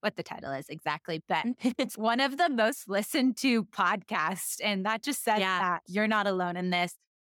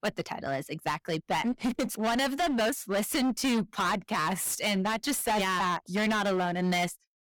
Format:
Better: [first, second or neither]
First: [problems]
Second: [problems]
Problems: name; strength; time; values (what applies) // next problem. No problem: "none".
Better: first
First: none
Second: distortion; heavy; 22% of the sound clipped